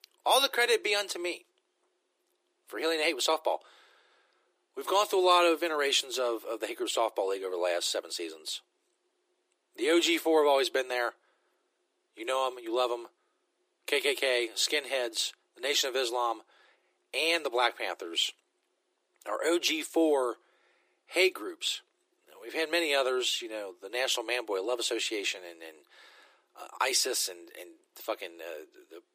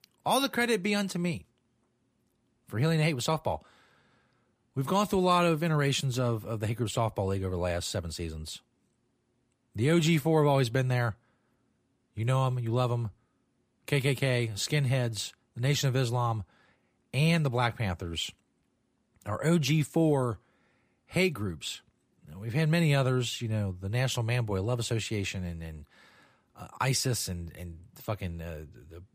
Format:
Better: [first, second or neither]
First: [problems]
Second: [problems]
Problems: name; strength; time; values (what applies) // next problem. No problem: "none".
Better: second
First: thin; very; fading below 350 Hz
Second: none